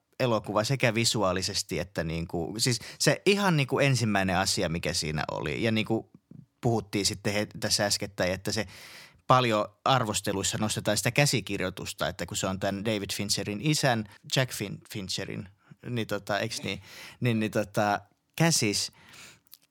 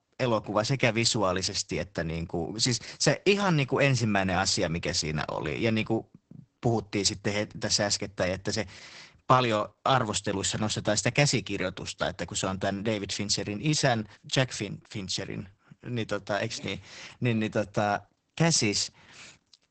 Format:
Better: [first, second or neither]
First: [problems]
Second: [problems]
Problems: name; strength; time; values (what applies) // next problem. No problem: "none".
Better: first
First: none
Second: garbled, watery; badly; nothing above 8 kHz